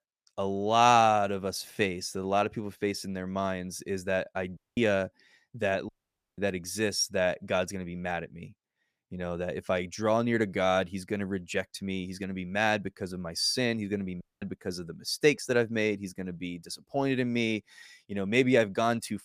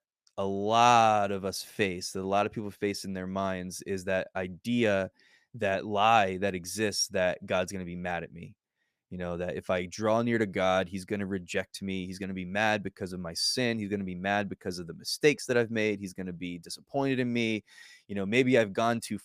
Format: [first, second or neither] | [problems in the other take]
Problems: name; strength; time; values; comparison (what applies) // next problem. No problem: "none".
second | audio cutting out; at 4.5 s, at 6 s and at 14 s